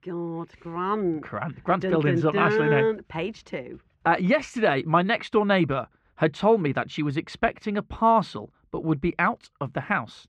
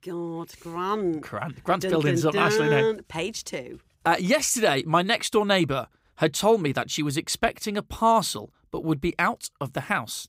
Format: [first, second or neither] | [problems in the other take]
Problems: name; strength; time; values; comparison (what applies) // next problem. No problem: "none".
second | muffled; very; fading above 2 kHz